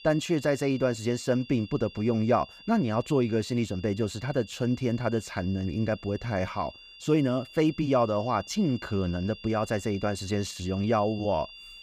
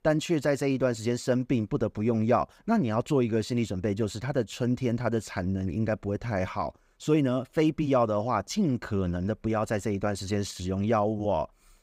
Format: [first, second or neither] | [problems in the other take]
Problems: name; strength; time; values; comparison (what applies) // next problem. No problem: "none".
second | high-pitched whine; noticeable; throughout; 3 kHz, 20 dB below the speech